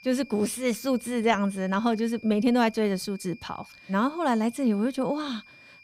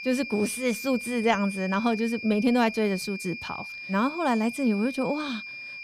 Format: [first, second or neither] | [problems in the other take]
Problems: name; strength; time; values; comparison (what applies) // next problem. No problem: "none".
first | high-pitched whine; loud; throughout; 2.5 kHz, 9 dB below the speech; faint in the first